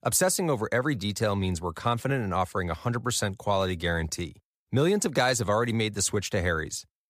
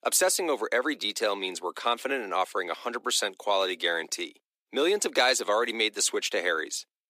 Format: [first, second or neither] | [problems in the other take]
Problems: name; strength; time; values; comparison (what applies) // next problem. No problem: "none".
first | thin; somewhat; fading below 300 Hz